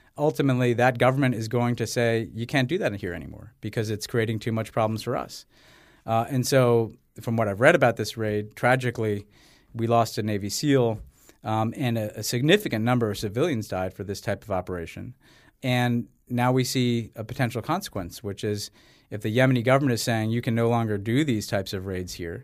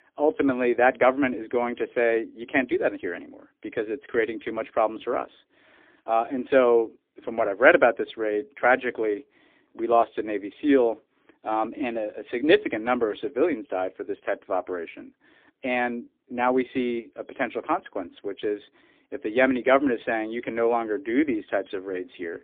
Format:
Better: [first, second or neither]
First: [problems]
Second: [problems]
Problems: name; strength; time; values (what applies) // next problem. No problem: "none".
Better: first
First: none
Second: phone-call audio; poor line